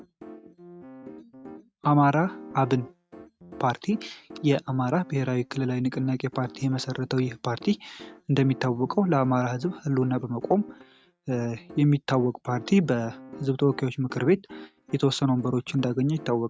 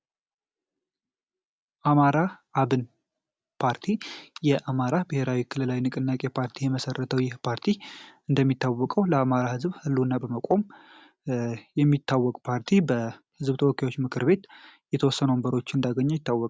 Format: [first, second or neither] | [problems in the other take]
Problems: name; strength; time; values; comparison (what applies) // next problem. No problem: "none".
second | noise reduction (neural mask model RNNoise)